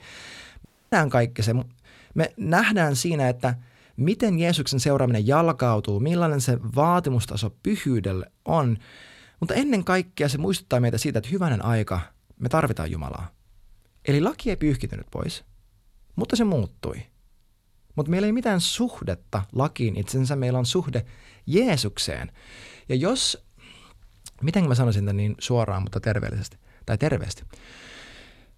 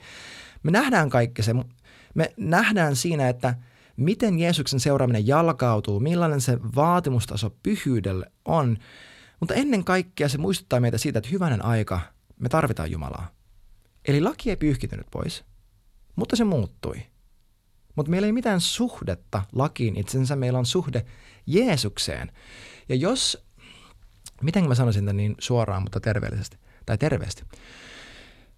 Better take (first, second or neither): second